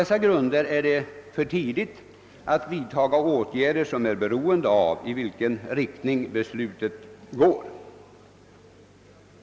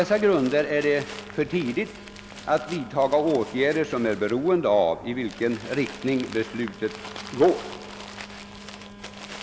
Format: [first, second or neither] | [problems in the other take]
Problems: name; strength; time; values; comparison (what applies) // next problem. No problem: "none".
first | background sound (Crumpling, crinkling + Telephone); 16 dB below the speech